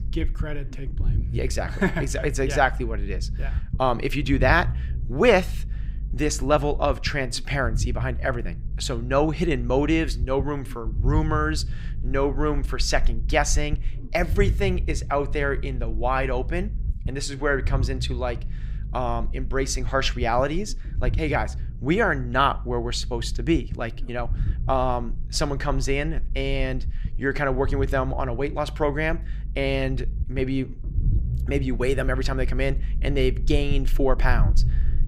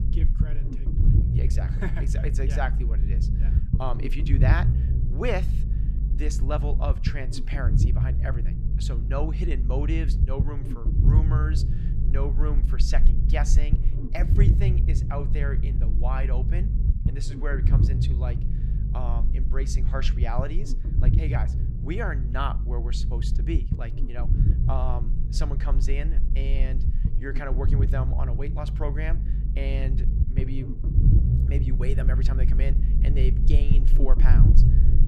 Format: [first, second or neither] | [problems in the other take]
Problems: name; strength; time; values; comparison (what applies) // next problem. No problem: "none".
first | low rumble; loud; throughout; 4 dB below the speech; faint in the first